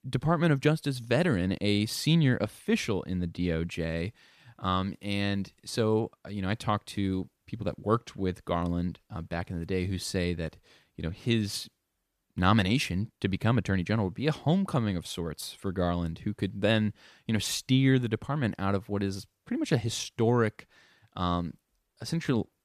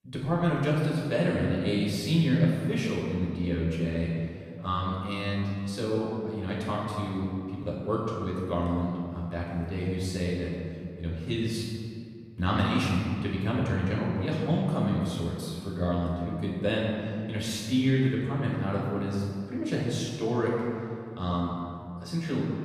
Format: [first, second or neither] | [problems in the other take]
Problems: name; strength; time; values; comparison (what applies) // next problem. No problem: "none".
first | room echo; noticeable; dies away in 2.1 s // off-mic speech; far